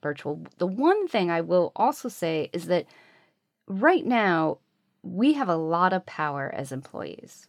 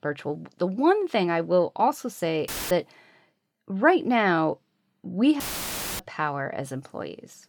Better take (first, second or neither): first